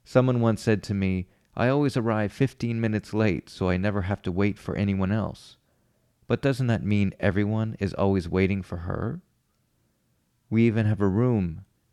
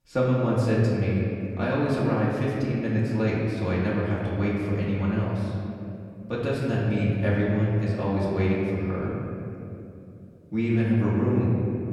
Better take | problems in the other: first | room echo; noticeable; dies away in 2.6 s // off-mic speech; far

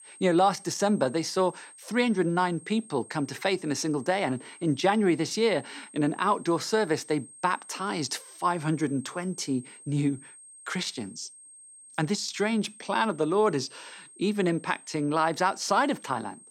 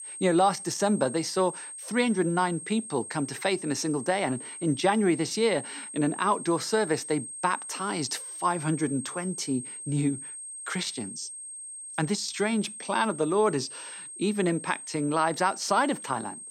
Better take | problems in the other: first | high-pitched whine; loud; throughout; 8.5 kHz, 10 dB below the speech; faint in the first

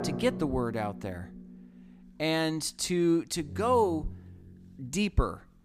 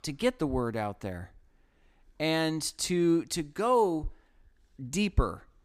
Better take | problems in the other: second | background music; noticeable; throughout; 15 dB below the speech

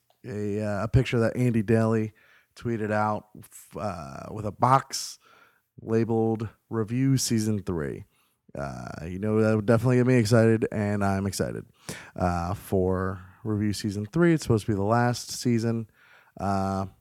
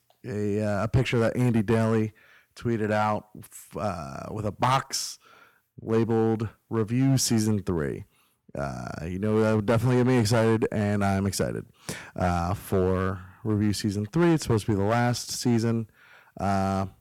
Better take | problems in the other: first | distortion; slight; 5% of the sound clipped

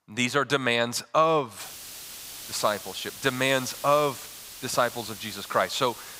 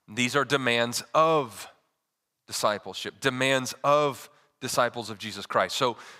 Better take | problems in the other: second | hiss; noticeable; from 1.5 s on; 15 dB below the speech

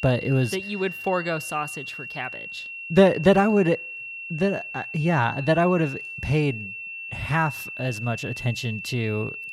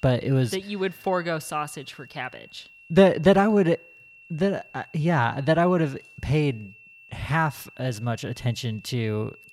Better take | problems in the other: second | high-pitched whine; loud; throughout; 2.5 kHz, 9 dB below the speech; faint in the second

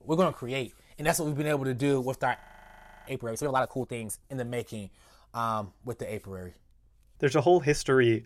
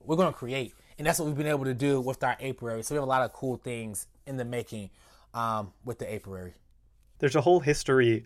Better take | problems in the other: second | audio freezing; at 2.5 s for 0.5 s

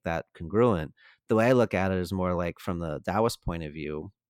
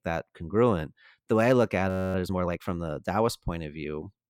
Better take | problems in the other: first | audio freezing; at 2 s

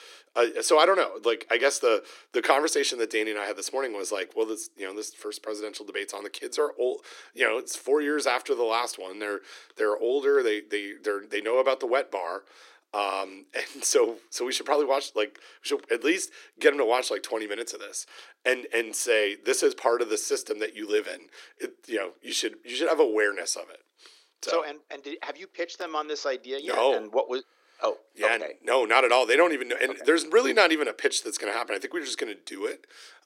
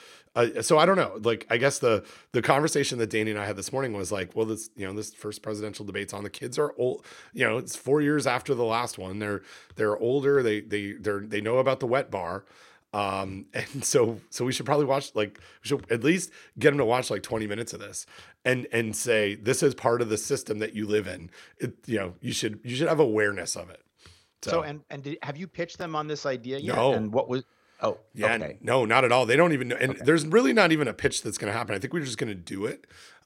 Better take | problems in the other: second | thin; somewhat; fading below 300 Hz

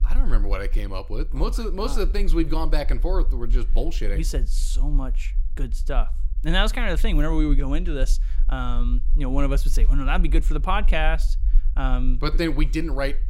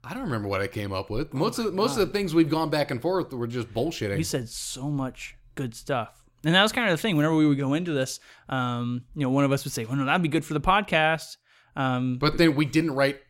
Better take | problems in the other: second | low rumble; faint; throughout; 25 dB below the speech

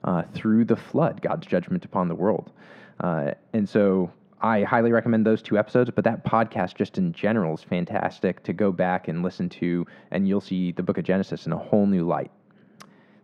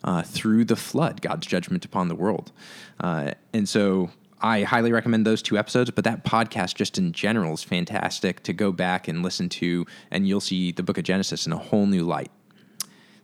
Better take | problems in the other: second | muffled; very; fading above 3.5 kHz

